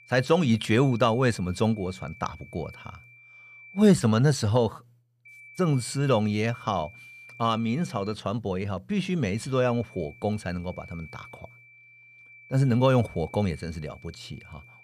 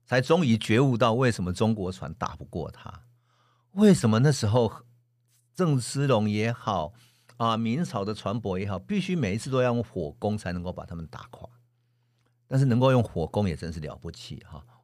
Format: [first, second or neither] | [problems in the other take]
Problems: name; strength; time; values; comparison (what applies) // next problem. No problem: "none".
second | high-pitched whine; faint; until 4 s, from 5.5 to 8 s and from 9.5 s on; 2.5 kHz, 20 dB below the speech